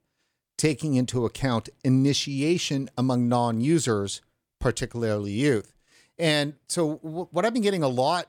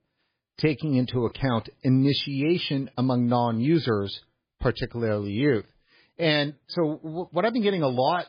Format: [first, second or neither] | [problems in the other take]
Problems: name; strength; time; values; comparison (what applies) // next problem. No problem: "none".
first | garbled, watery; badly